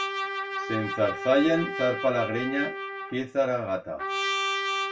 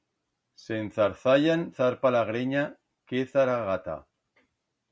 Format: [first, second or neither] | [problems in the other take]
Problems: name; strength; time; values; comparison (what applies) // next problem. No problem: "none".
second | background sound (Trumpet); 4 dB below the speech // room echo; dies away in 0.2 s